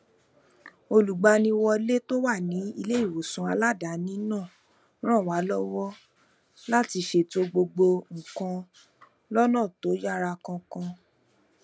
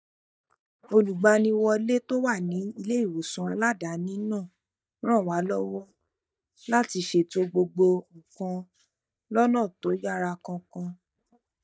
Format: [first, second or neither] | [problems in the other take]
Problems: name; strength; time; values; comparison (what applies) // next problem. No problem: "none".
first | noise reduction (neural mask model DeepFilterNet 3)